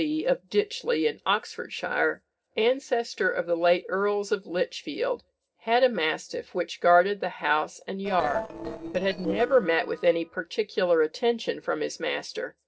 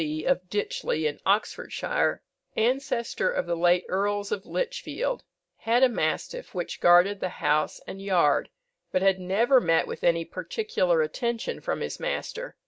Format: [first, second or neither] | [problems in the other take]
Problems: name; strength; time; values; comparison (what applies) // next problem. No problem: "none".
second | noise reduction (neural separator model SepFormer DNS4)